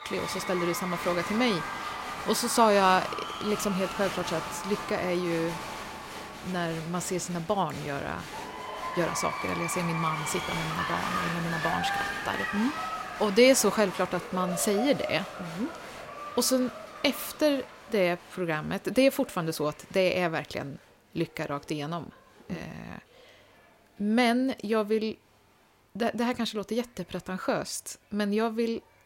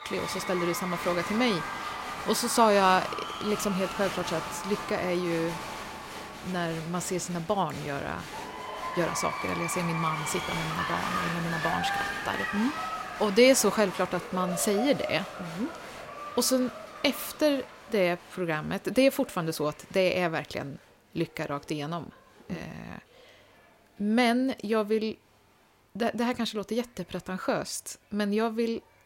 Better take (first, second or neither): neither